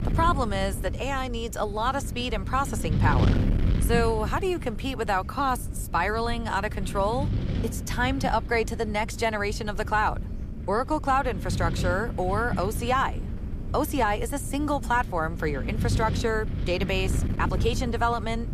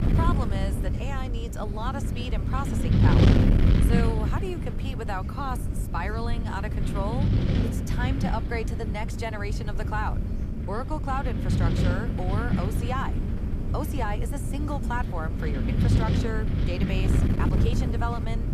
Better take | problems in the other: first | wind noise on the microphone; heavy; 2 dB below the speech; occasional gusts in the first

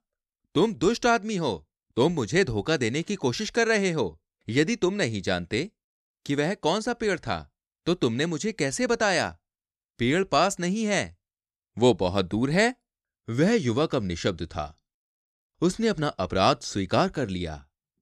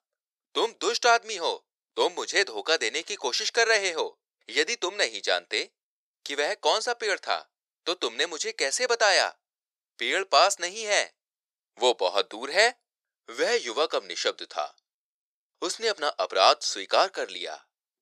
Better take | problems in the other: first | thin; very; fading below 500 Hz

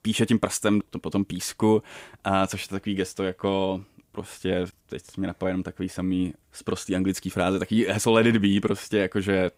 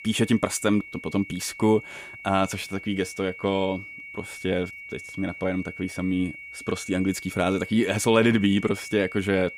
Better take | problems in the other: first | high-pitched whine; noticeable; throughout; 2 kHz, 15 dB below the speech

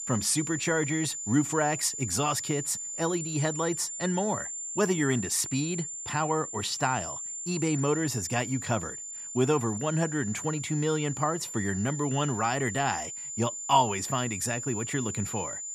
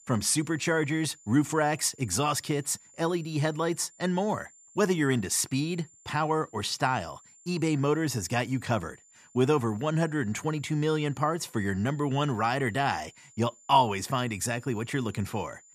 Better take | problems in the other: second | high-pitched whine; loud; throughout; 7 kHz, 6 dB below the speech; faint in the second

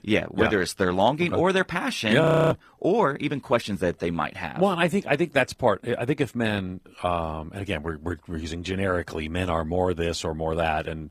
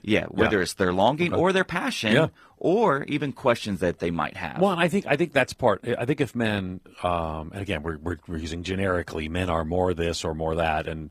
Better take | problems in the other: second | audio freezing; at 2 s

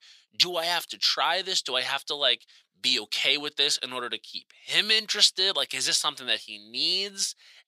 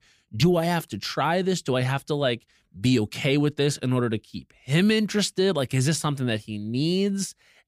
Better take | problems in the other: second | thin; very; fading below 750 Hz

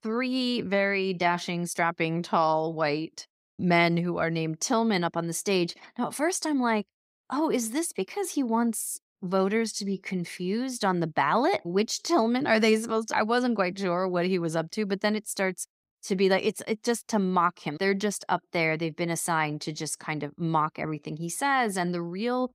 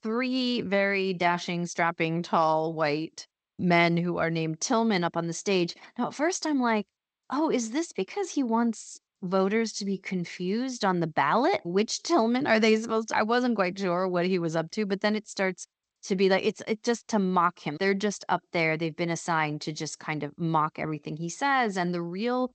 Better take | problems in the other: first | garbled, watery; slightly; nothing above 8 kHz

